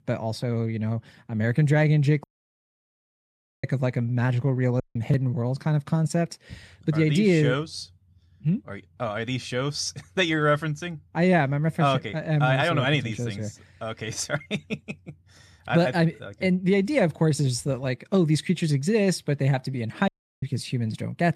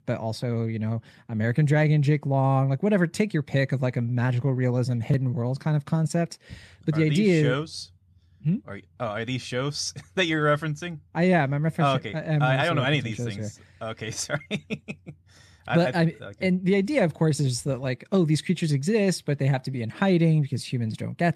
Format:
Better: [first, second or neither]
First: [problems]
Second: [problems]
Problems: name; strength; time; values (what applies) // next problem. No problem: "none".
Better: second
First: audio cutting out; at 2 s for 1.5 s, at 5 s and at 20 s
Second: none